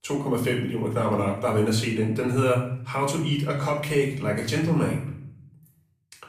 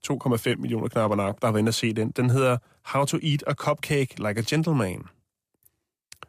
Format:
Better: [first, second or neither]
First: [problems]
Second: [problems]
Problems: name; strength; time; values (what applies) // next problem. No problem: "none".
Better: second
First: room echo; slight; dies away in 0.6 s // off-mic speech; far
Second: none